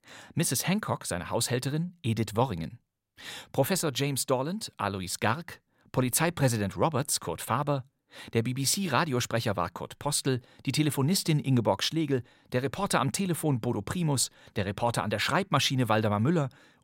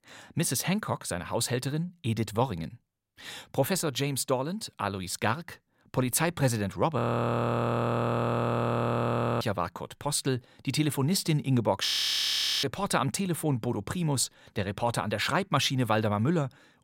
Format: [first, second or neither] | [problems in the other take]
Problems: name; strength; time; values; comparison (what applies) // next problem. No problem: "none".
first | audio freezing; at 7 s for 2.5 s and at 12 s for 1 s